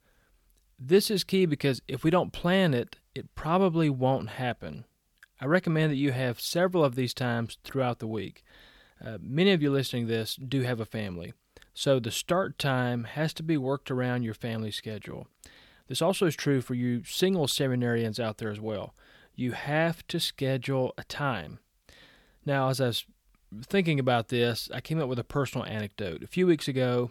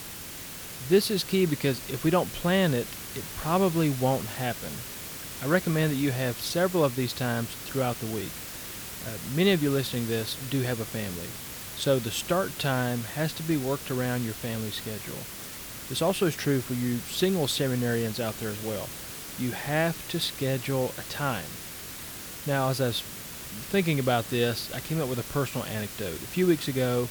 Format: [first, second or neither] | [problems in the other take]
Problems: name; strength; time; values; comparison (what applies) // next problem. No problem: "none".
first | hiss; loud; throughout; 9 dB below the speech